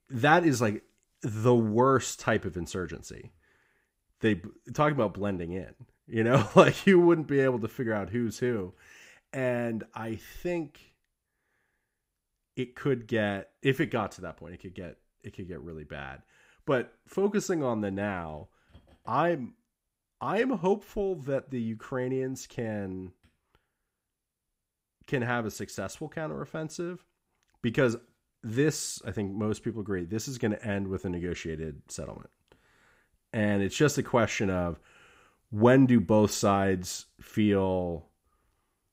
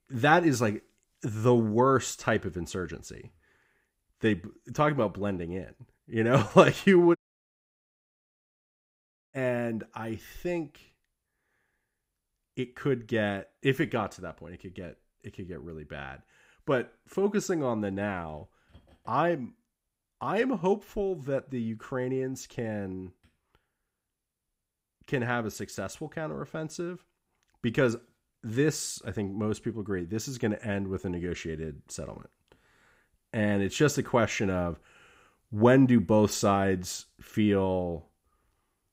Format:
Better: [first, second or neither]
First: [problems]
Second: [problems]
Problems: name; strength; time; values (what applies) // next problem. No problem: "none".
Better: first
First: none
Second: audio cutting out; at 7 s for 2 s